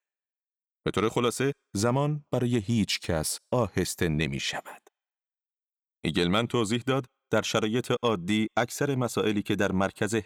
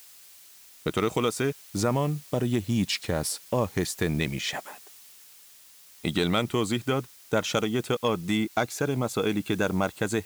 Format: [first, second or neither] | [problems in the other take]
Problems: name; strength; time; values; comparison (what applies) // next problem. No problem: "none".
first | hiss; faint; throughout; 20 dB below the speech